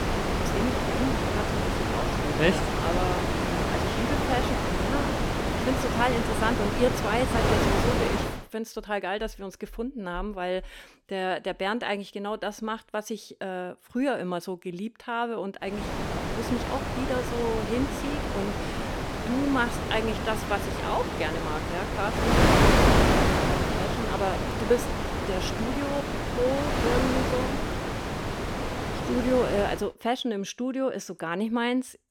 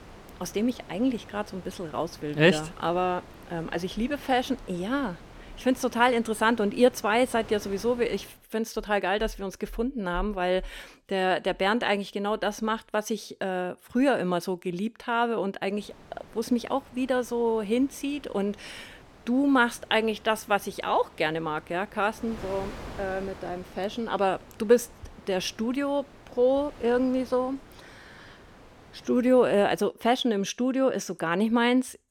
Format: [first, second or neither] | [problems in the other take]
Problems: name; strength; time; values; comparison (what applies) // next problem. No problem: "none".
second | wind noise on the microphone; heavy; until 8.5 s and from 16 to 30 s; 2 dB above the speech; occasional gusts in the second